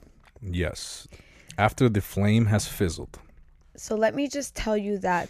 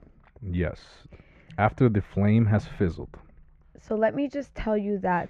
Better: first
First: none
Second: muffled; very; fading above 2 kHz

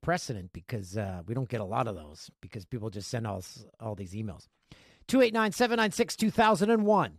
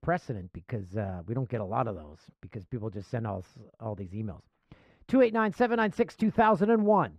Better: first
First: none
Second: muffled; very; fading above 3 kHz

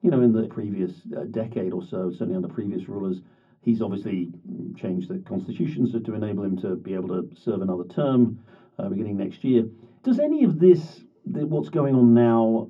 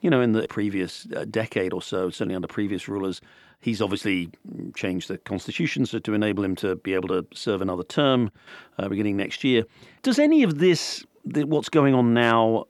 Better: second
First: room echo; very slight; dies away in 0.4 s // off-mic speech; far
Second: none

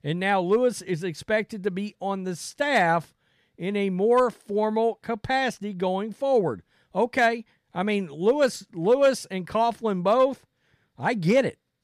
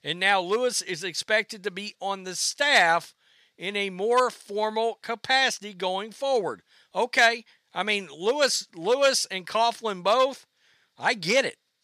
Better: first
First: none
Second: thin; somewhat; fading below 1 kHz

